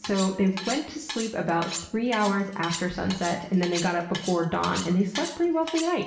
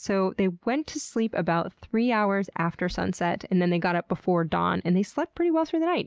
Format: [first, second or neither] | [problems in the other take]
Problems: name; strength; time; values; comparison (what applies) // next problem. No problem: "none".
second | background sound (Cutlery, silverware); 11 dB below the speech // room echo; dies away in 0.8 s